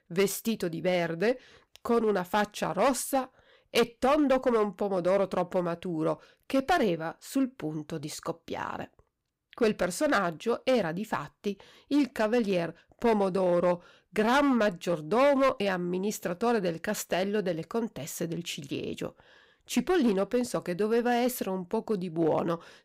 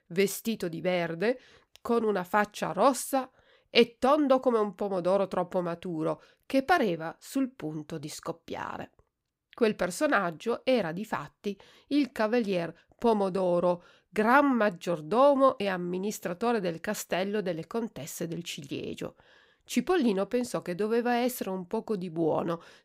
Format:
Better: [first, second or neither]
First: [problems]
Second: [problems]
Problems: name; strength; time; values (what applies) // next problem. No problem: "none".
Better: second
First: distortion; slight; 4% of the sound clipped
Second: none